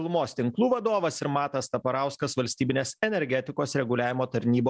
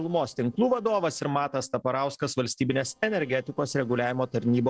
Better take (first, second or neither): first